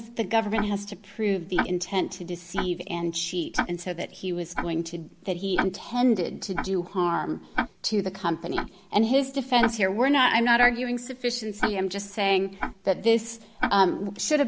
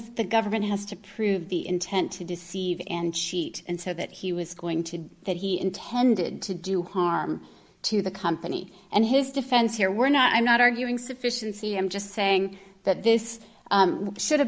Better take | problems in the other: second | background sound (Tick-tock); 9 dB below the speech

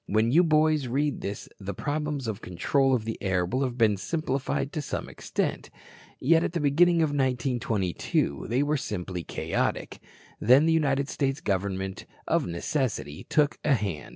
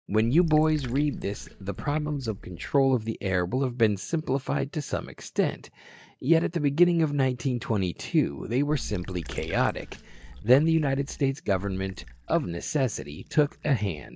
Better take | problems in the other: first | noise reduction (neural mask model DeepFilterNet 3)

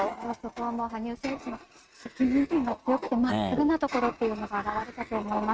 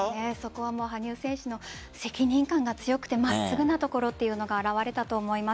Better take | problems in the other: second | noise reduction (neural mask model RNNoise)

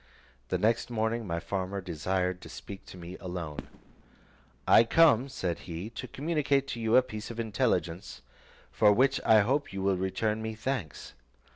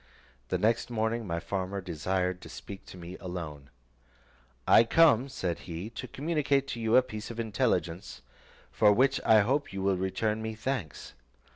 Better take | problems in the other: second | background sound (Fireworks); 19 dB below the speech

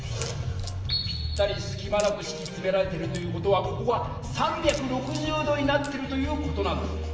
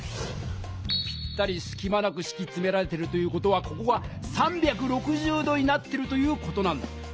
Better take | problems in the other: second | background sound (Crack); 16 dB below the speech // room echo; dies away in 1.2 s

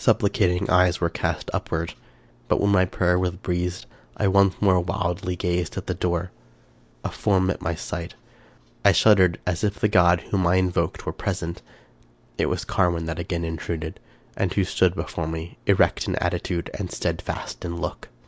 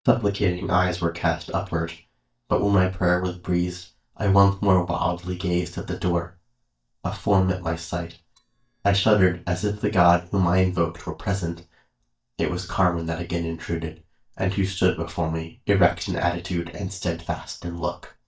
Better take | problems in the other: first | noise reduction (neural mask model DeepFilterNet 3)

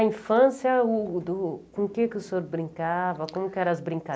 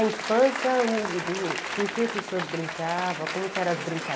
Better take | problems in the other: first | background sound (Applause / Cheering); 6 dB below the speech

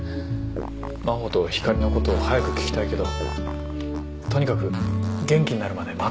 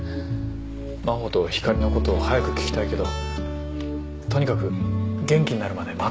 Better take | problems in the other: second | background sound (Fart); 17 dB below the speech

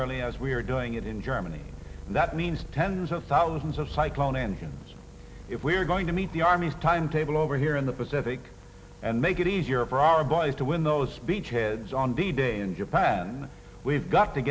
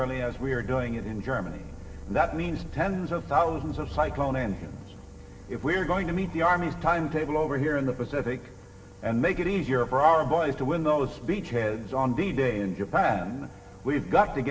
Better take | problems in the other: first | room echo; dies away in 2.7 s

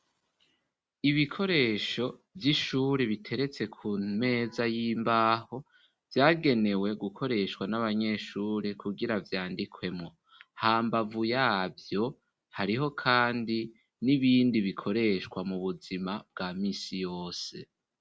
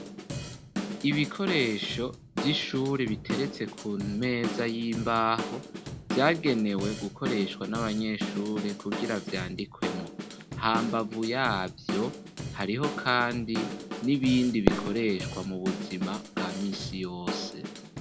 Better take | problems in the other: first | background sound (Fireworks + Drum / Drum kit); 5 dB below the speech

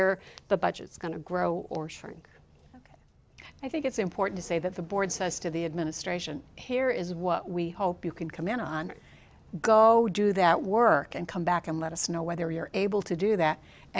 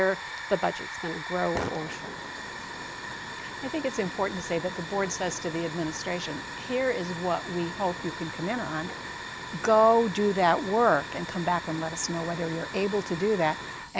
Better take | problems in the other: first | background sound (Hiss / Fire); 9 dB below the speech

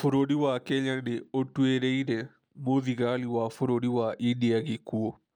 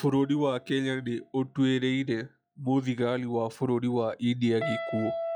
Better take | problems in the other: first | noise reduction (classical method log-MMSE)

